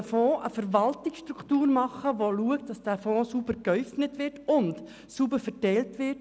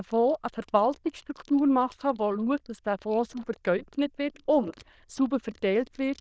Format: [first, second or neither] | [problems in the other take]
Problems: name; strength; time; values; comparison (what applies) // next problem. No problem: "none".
first | noise reduction (neural diffusion model UNIVERSE++)